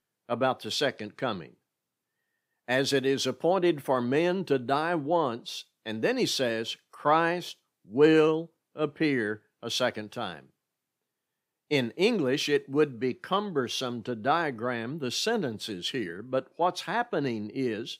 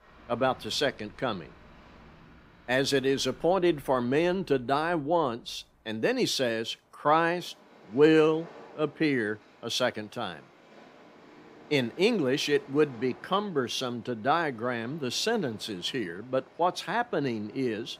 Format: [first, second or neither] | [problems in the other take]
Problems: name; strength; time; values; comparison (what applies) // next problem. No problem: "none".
first | train or aircraft noise; faint; throughout; 25 dB below the speech